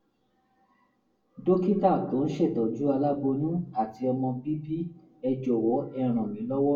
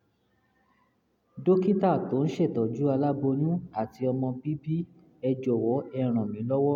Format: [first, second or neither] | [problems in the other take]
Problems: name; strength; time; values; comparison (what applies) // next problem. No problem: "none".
second | room echo; dies away in 0.3 s